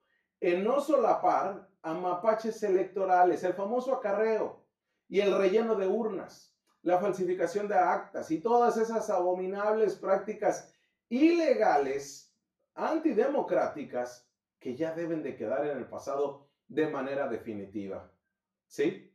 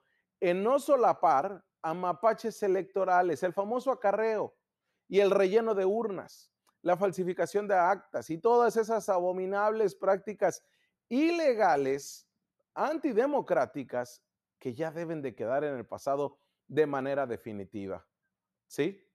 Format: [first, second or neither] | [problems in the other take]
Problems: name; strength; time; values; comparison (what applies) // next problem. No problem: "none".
second | room echo; slight; dies away in 0.3 s // off-mic speech; far